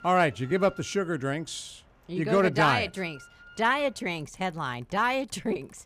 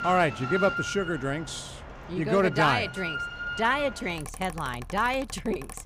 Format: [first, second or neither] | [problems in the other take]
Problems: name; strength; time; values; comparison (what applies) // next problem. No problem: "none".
first | machinery noise; loud; throughout; 9 dB below the speech; faint in the first